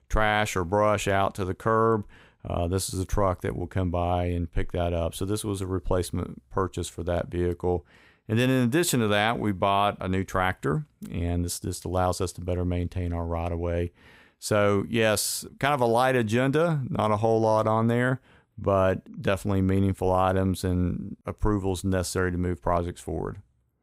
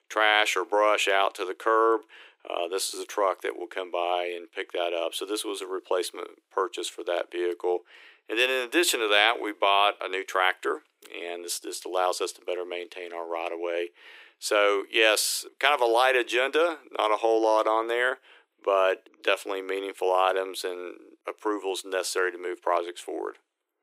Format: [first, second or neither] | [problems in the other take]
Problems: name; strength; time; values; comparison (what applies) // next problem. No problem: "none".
first | thin; very; fading below 350 Hz